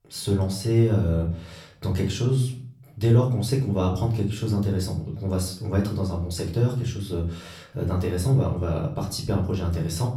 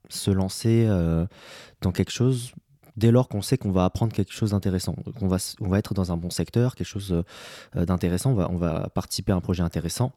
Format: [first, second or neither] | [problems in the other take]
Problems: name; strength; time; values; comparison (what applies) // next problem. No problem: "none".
second | room echo; slight; dies away in 0.4 s // off-mic speech; far